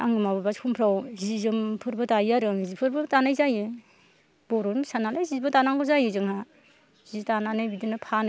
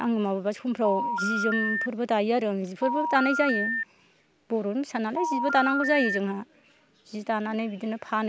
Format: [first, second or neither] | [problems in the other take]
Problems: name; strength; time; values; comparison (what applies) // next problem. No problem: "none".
first | background sound (Telephone); 2 dB below the speech